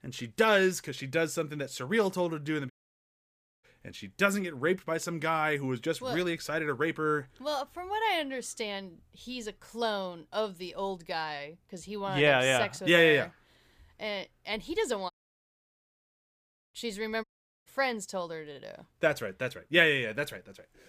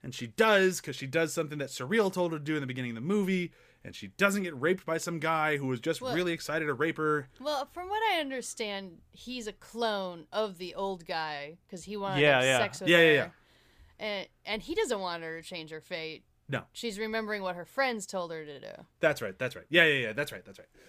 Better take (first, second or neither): second